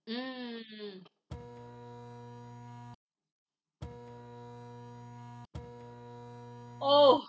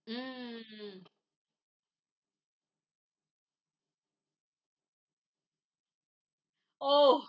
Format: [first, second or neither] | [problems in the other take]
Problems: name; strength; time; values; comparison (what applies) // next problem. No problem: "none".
second | background sound (Printer); 13 dB below the speech